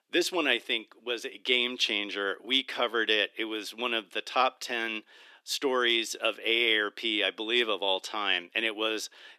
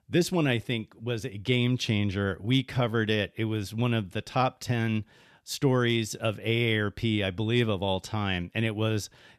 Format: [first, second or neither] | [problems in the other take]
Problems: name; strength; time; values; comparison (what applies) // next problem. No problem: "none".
second | thin; very; fading below 300 Hz